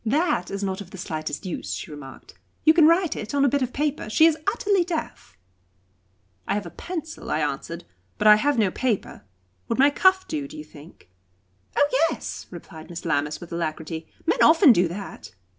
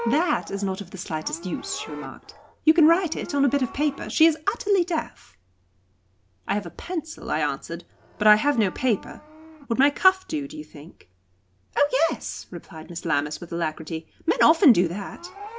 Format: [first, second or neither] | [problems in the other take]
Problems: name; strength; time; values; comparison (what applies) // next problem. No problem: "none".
first | background sound (Livestock, farm animals, working animals); 19 dB below the speech